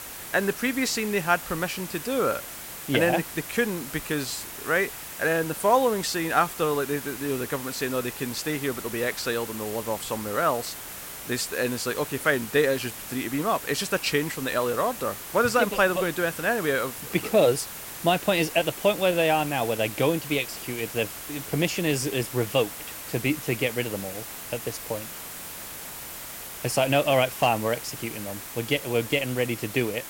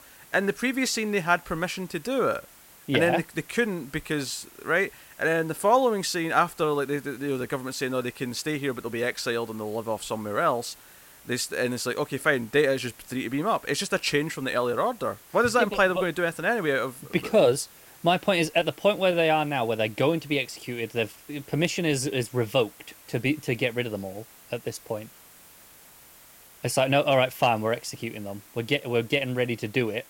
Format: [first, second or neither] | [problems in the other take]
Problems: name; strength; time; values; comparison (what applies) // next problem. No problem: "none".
second | hiss; loud; throughout; 10 dB below the speech; faint in the second